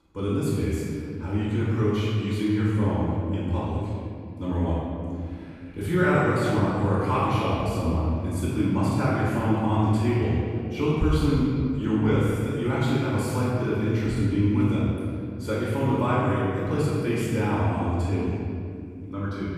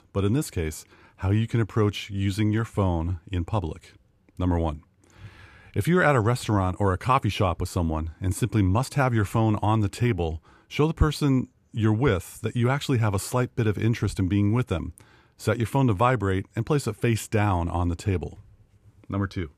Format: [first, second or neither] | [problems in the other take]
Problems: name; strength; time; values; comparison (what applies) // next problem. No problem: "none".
second | off-mic speech; far // room echo; strong; dies away in 2.4 s